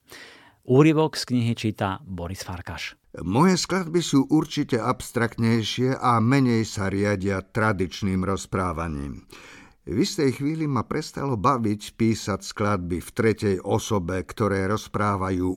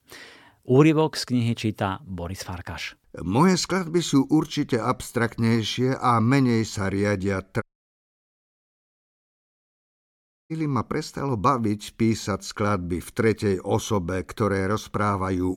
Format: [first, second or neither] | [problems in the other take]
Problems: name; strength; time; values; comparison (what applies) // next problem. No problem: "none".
first | audio cutting out; at 7.5 s for 3 s